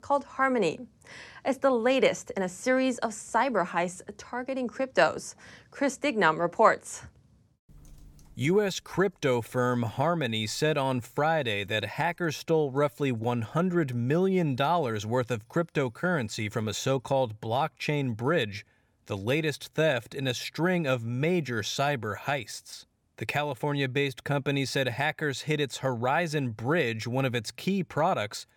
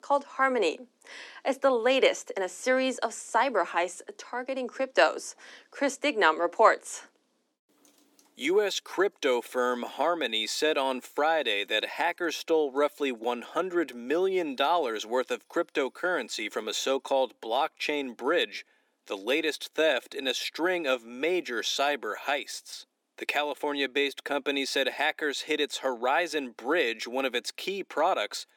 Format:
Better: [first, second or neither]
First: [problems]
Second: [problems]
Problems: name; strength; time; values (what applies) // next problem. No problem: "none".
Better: first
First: none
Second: thin; somewhat; fading below 250 Hz